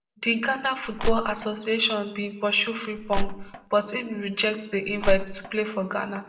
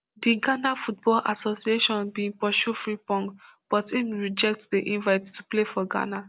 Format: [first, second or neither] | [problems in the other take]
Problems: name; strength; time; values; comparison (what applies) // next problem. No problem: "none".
second | background sound (Crushing); as loud as the speech // room echo; dies away in 0.6 s